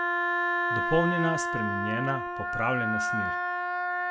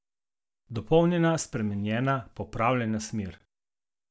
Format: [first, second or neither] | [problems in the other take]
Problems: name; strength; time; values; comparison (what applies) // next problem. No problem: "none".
second | background sound (Wind instrument, woodwind instrument); 3 dB above the speech